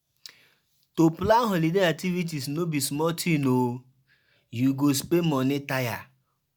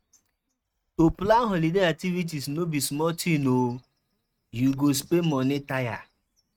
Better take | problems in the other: first | noise reduction (neural mask model RNNoise)

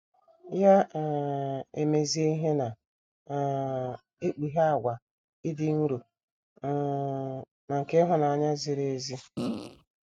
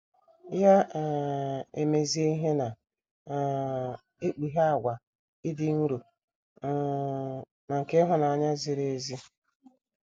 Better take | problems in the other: second | noise reduction (neural mask model RNNoise)

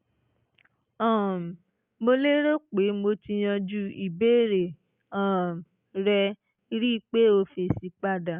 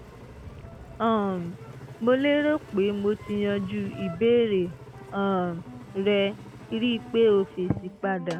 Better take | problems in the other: first | background sound (Engine); 16 dB below the speech

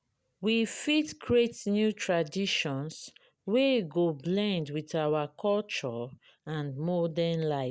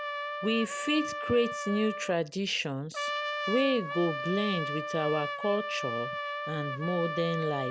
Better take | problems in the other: first | background sound (Trumpet); 4 dB below the speech

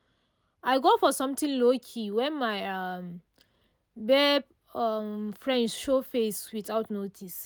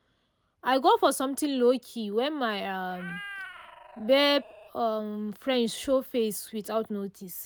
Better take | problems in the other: first | background sound (Meow); 16 dB below the speech

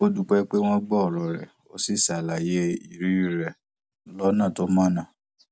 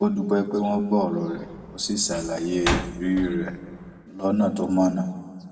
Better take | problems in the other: first | background sound (Slam); 9 dB below the speech // room echo; dies away in 1.6 s

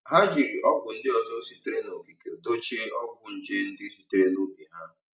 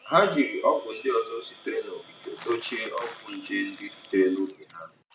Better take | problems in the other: first | background sound (Crumpling, crinkling + Domestic sounds, home sounds); 19 dB below the speech

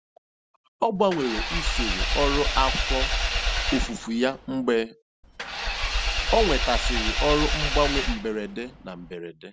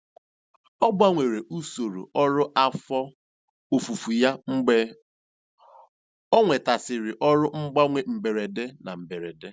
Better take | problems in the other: second | background sound (Engine / Vehicle); 1 dB above the speech

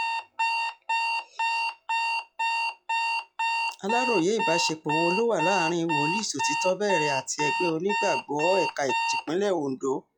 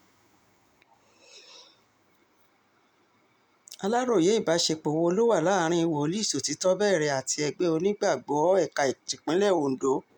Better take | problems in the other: second | noise reduction (classical method log-MMSE)

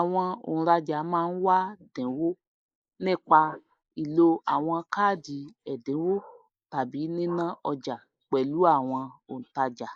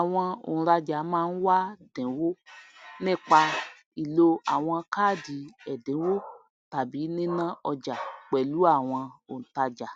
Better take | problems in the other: second | noise reduction (neural mask model Resemble Enhance denoiser)

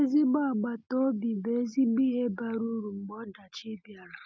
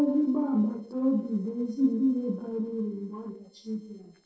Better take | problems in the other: first | noise reduction (neural separator model SepFormer DNS4)

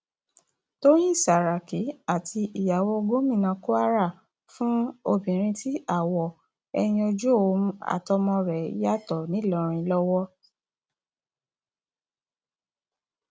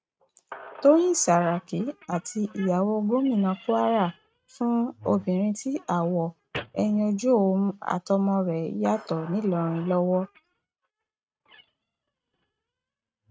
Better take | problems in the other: first | noise reduction (neural mask model RNNoise)

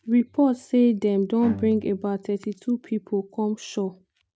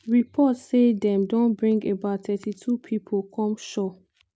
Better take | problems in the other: second | noise reduction (neural mask model RNNoise)

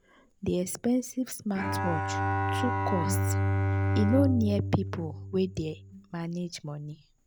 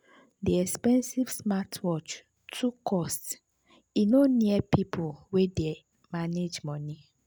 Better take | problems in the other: second | background sound (Bowed string instrument); as loud as the speech

